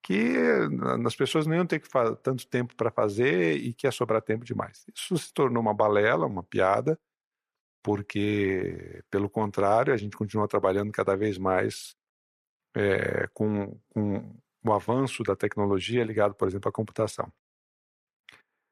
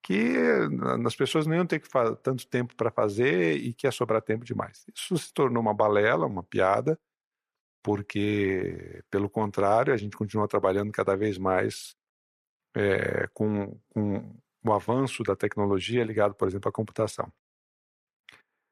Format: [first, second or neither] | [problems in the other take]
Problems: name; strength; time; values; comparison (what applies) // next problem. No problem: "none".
neither | none